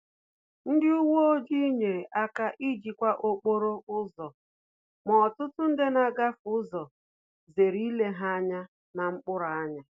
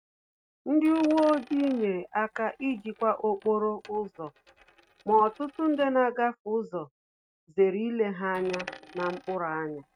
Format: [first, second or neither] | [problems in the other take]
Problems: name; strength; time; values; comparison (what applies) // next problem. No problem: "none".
first | noise reduction (neural mask model RNNoise)